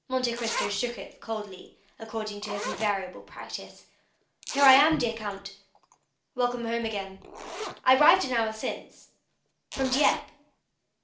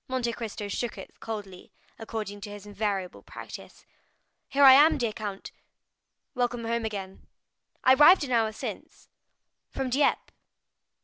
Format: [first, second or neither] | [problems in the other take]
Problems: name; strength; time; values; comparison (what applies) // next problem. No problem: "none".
second | background sound (Zipper (clothing)); 12 dB below the speech // room echo; dies away in 0.4 s